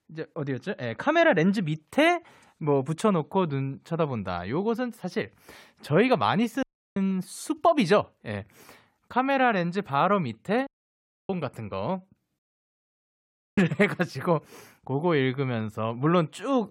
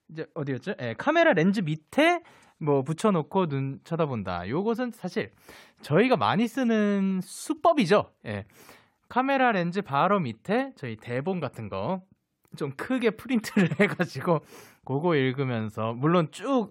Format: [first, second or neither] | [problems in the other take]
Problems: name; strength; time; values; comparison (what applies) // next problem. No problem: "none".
second | audio cutting out; at 6.5 s, at 11 s for 0.5 s and at 12 s for 1 s